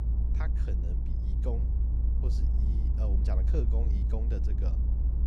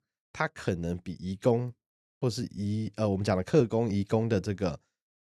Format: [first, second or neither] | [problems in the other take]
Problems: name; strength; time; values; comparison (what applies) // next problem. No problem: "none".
second | low rumble; loud; throughout; 2 dB below the speech